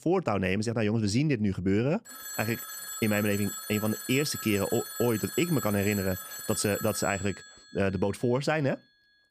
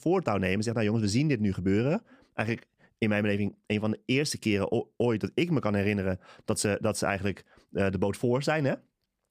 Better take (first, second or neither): second